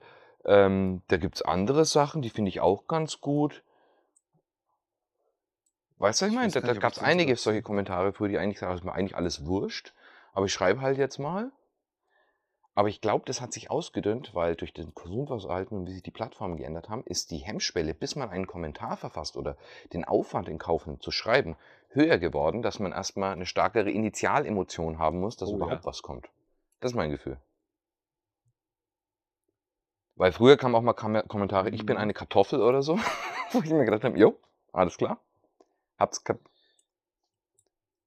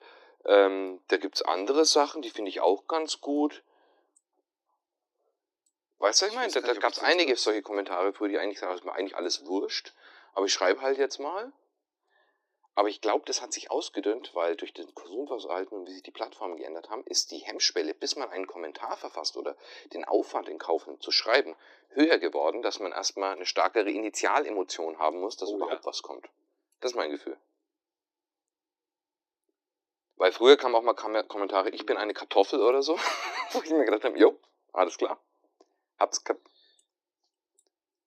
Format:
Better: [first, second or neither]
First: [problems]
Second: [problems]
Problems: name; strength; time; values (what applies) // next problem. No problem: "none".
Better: first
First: none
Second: thin; very slightly; fading below 300 Hz